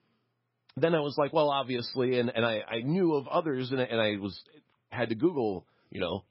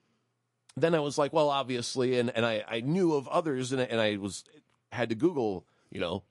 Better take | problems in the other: second | garbled, watery; badly; nothing above 5.5 kHz; slightly in the second

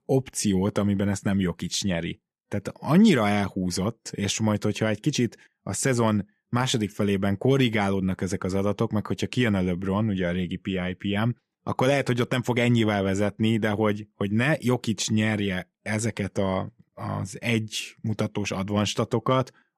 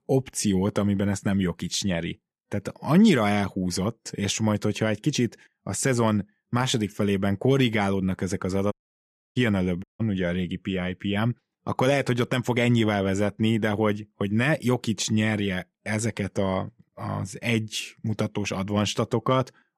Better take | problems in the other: first | audio cutting out; at 8.5 s for 0.5 s and at 10 s

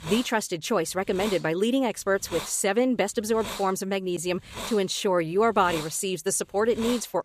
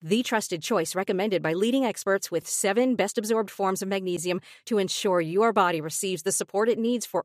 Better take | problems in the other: second | hiss; noticeable; throughout; 10 dB below the speech

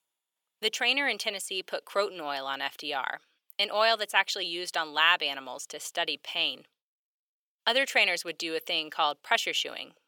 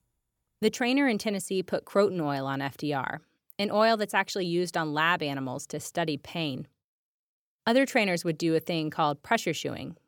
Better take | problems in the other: second | thin; very; fading below 650 Hz

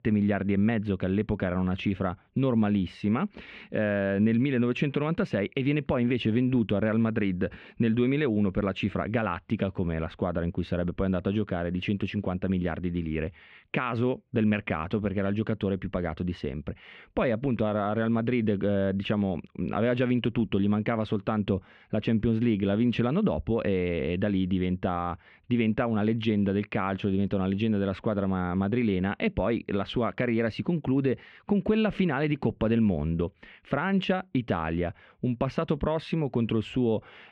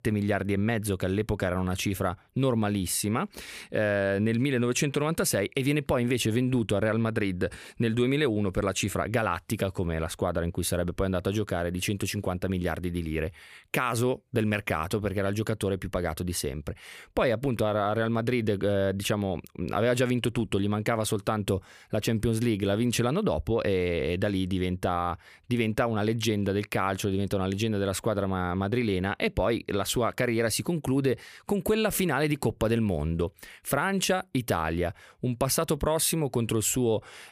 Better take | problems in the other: second | muffled; very; fading above 3 kHz

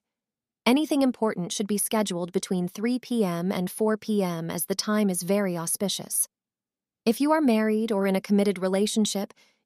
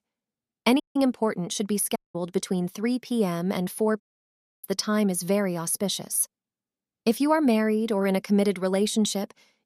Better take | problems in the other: first | audio cutting out; at 1 s, at 2 s and at 4 s for 0.5 s

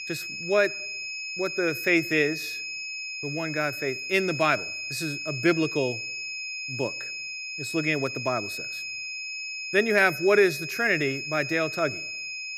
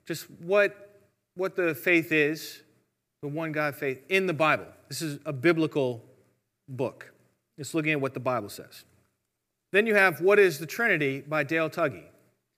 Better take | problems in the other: second | high-pitched whine; loud; throughout; 2.5 kHz, 6 dB below the speech

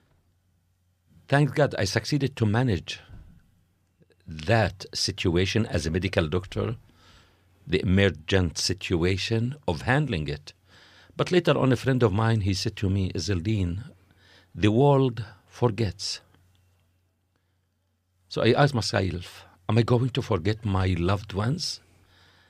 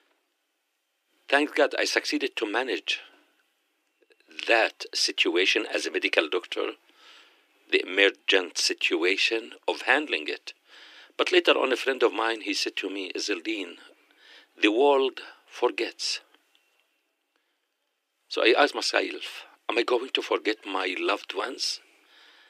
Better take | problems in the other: first | thin; very; fading below 300 Hz

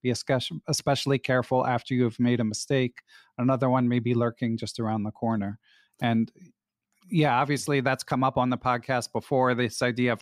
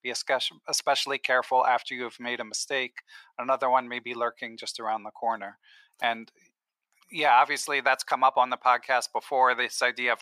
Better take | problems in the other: first | thin; very; fading below 800 Hz

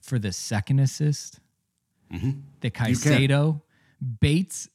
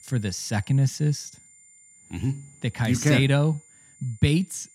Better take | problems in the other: first | high-pitched whine; faint; throughout; 7 kHz, 25 dB below the speech

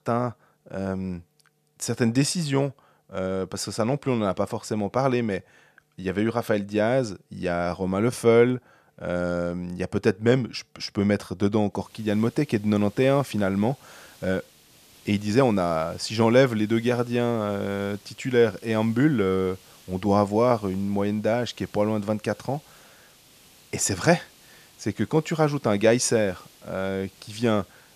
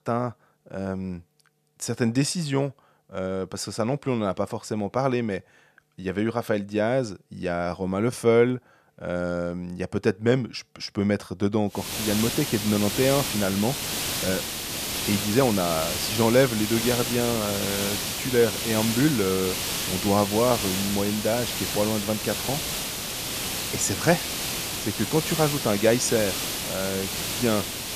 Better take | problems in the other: first | hiss; loud; from 12 s on; 2 dB below the speech; faint in the first

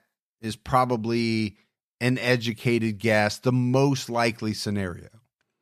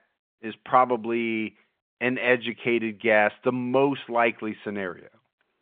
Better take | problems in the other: first | phone-call audio

